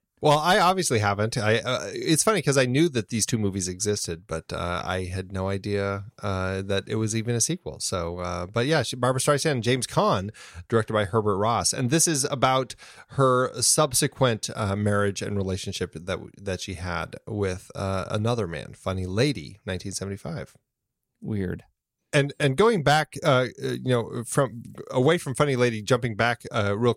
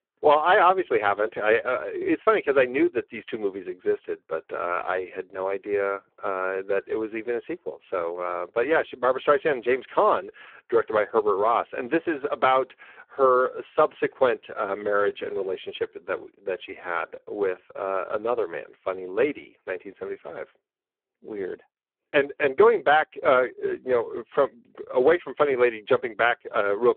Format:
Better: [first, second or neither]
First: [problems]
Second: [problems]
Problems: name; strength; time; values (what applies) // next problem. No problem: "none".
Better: first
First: none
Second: phone-call audio; poor line